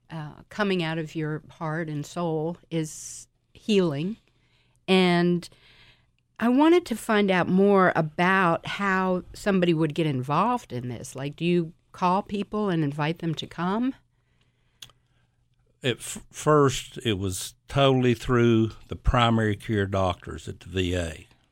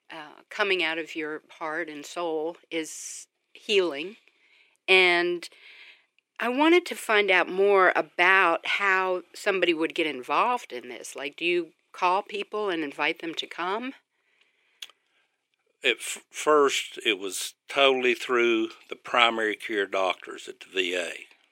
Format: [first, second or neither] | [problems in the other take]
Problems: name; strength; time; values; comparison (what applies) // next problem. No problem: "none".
first | thin; very; fading below 350 Hz